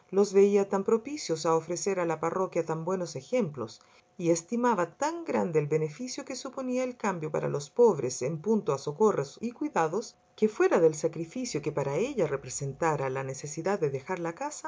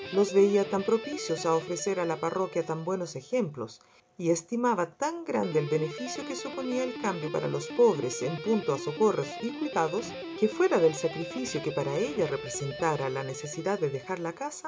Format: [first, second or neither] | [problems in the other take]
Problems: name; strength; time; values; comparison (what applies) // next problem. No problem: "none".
first | background sound (Guitar); 11 dB below the speech